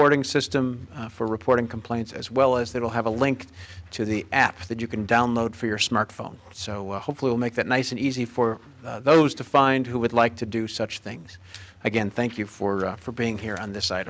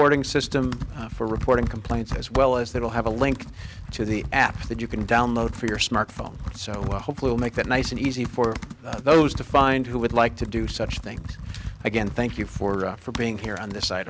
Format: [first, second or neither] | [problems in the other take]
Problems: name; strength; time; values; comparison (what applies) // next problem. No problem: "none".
first | background sound (Computer keyboard); 9 dB below the speech